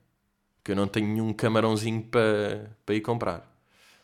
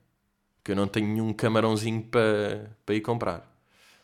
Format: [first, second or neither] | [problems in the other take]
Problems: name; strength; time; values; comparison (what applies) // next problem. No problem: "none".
neither | none